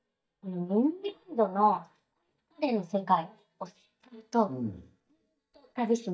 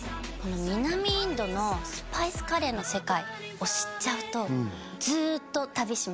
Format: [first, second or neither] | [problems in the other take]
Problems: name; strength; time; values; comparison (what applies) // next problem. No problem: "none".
second | noise reduction (neural mask model DeepFilterNet 3)